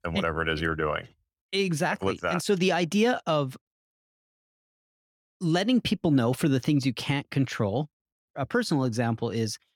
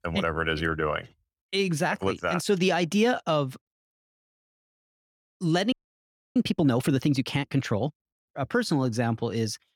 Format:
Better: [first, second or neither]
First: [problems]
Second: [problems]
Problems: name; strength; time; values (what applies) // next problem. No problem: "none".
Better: first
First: none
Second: audio freezing; at 5.5 s for 0.5 s